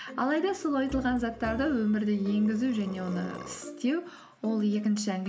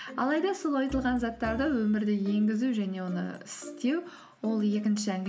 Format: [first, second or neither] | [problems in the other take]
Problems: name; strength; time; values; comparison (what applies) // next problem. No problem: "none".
second | background sound (Burping, eructation); 18 dB below the speech